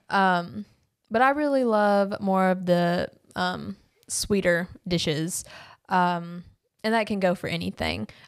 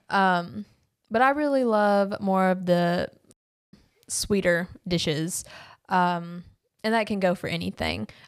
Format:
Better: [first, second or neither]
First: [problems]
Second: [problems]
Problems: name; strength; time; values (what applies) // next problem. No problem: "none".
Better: first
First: none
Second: audio cutting out; at 3.5 s